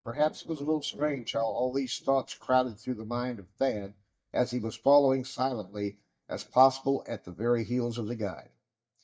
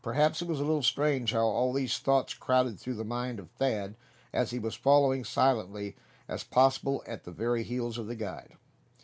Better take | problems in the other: second | noise reduction (neural mask model DeepFilterNet 3)

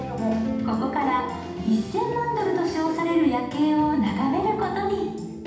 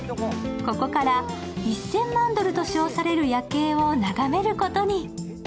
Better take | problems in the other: second | room echo; dies away in 0.8 s

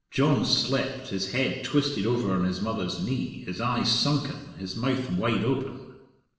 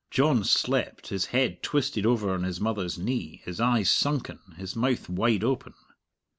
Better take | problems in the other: second | room echo; dies away in 1 s

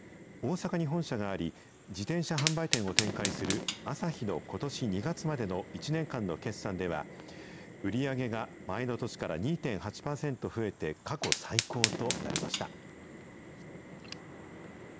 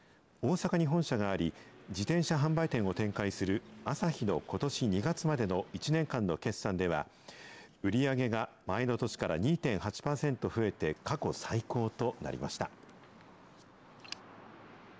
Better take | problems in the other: second | background sound (Fire); 4 dB below the speech

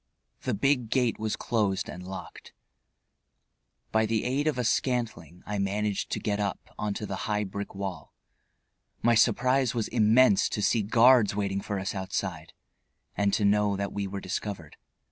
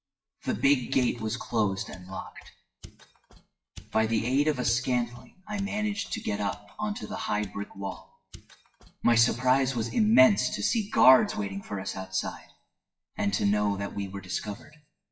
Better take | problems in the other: first | noise reduction (classical method WPE with log-MMSE)

